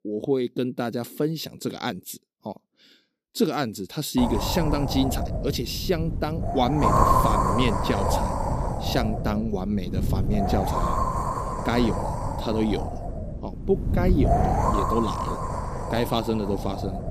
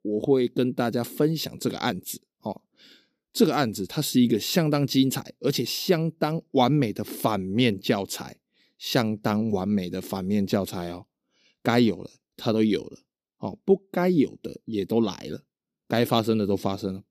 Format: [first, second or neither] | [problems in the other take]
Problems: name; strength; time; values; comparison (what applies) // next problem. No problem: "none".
second | wind noise on the microphone; heavy; from 4 s on; 3 dB above the speech